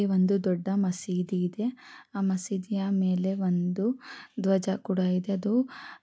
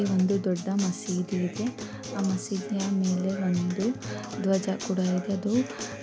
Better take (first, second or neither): first